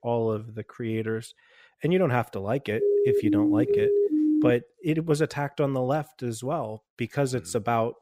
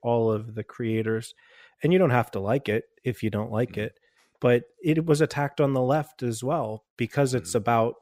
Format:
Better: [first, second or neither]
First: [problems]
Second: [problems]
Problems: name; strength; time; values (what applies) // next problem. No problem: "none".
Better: second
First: siren; loud; from 3 to 4.5 s; peak 6 dB above the speech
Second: none